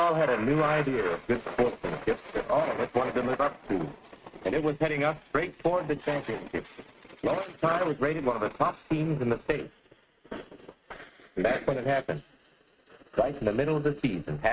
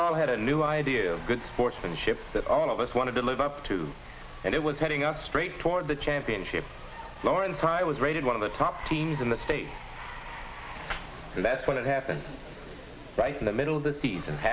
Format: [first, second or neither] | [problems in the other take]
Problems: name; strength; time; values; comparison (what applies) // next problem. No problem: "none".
second | noise reduction (neural mask model RNNoise)